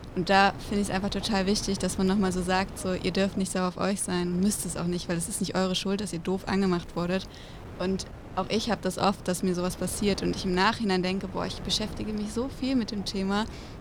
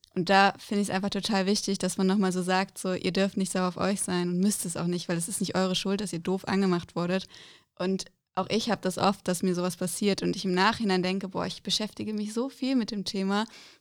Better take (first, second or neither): second